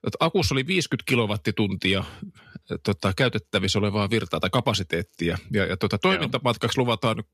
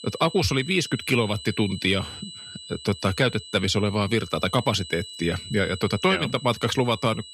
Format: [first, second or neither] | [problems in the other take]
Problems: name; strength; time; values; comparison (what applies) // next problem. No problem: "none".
first | high-pitched whine; noticeable; throughout; 4 kHz, 15 dB below the speech